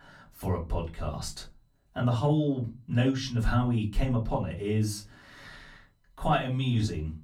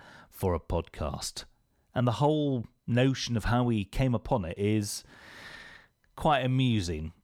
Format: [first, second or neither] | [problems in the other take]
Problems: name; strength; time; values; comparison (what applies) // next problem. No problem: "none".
second | off-mic speech; far // room echo; very slight; dies away in 0.2 s